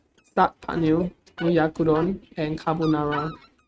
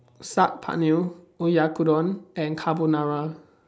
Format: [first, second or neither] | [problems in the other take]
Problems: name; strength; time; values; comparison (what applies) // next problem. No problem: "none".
second | noise reduction (neural mask model RNNoise)